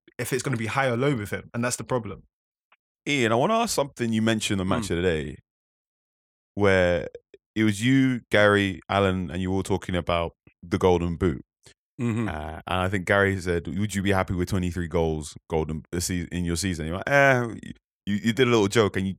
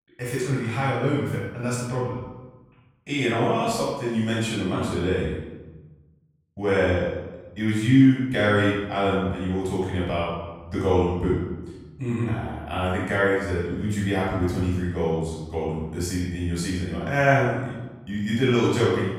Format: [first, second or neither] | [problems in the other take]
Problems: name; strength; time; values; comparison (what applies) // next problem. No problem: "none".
first | off-mic speech; far // room echo; strong; dies away in 1 s